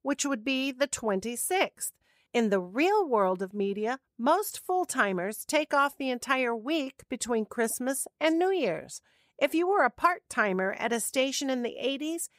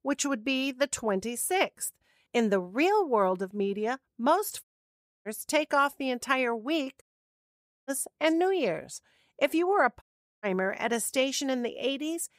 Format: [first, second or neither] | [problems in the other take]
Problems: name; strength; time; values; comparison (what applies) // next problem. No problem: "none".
first | audio cutting out; at 4.5 s for 0.5 s, at 7 s for 1 s and at 10 s